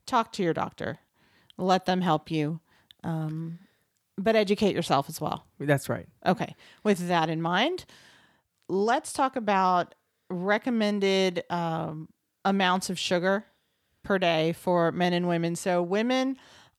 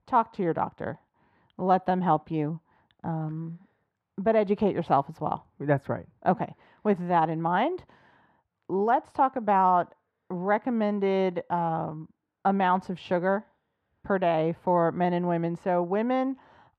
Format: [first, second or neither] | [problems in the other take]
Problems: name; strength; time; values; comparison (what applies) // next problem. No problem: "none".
first | muffled; very; fading above 3.5 kHz